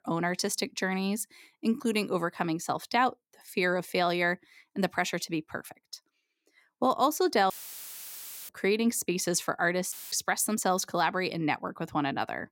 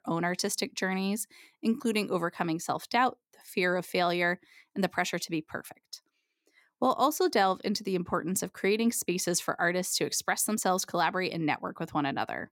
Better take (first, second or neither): second